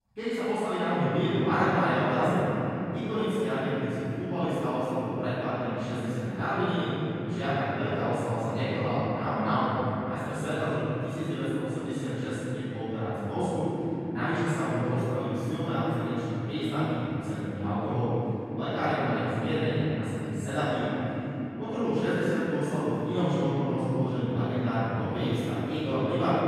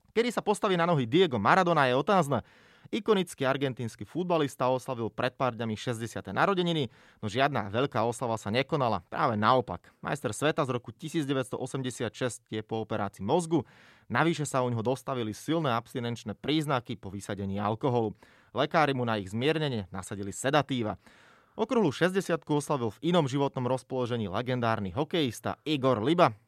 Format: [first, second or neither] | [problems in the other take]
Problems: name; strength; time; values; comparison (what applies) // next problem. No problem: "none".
second | off-mic speech; far // room echo; strong; dies away in 3 s